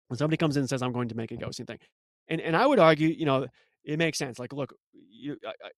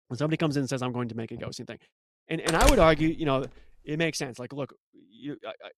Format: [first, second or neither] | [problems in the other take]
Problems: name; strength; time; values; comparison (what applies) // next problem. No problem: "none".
first | door banging; loud; at 2.5 s; peak 2 dB above the speech